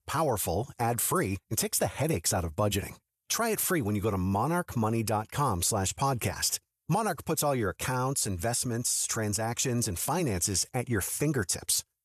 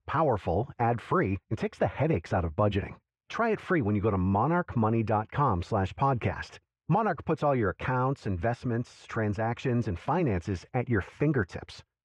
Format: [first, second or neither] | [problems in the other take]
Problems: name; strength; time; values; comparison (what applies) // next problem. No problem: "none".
first | muffled; very; fading above 2.5 kHz